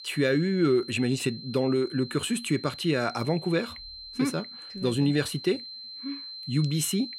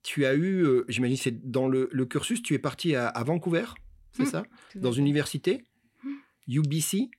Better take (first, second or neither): second